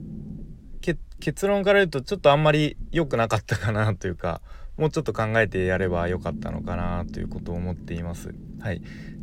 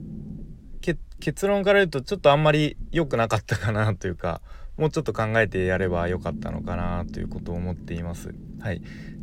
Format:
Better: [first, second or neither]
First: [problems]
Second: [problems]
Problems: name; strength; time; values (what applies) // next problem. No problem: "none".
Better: neither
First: low rumble; faint; throughout; 20 dB below the speech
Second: low rumble; faint; throughout; 20 dB below the speech